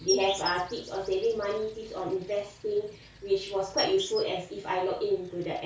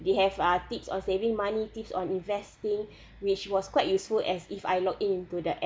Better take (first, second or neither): second